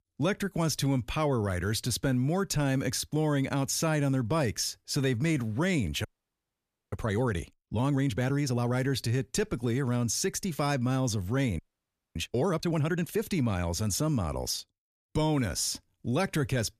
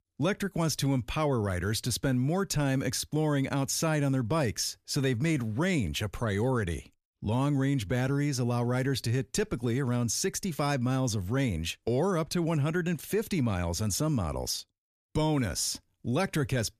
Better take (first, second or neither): second